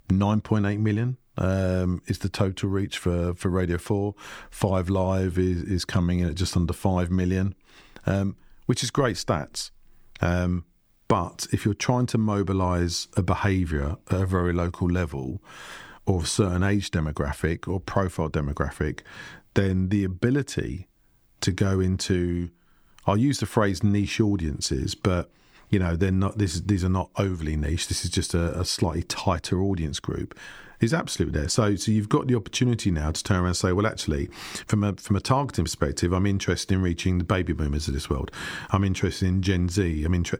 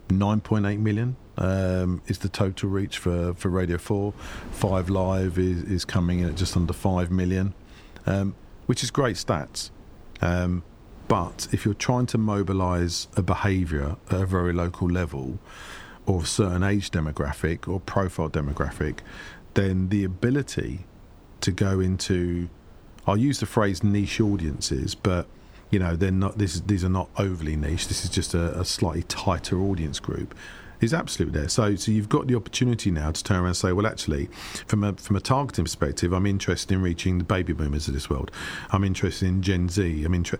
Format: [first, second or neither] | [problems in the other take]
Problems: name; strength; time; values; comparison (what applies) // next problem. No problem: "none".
first | wind noise on the microphone; occasional gusts; 25 dB below the speech